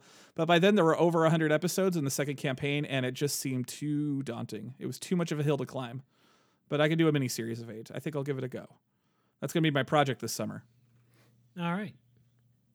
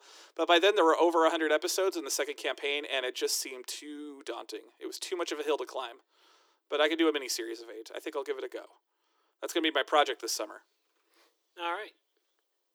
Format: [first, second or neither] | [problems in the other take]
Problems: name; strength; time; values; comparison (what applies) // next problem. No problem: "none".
first | thin; very; fading below 350 Hz